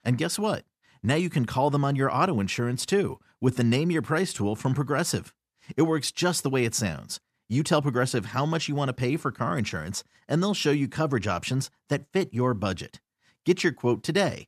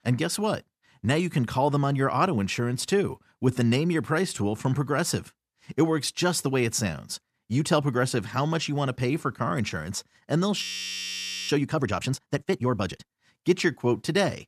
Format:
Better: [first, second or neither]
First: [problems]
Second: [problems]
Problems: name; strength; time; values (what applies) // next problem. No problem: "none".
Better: first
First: none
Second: audio freezing; at 11 s for 1 s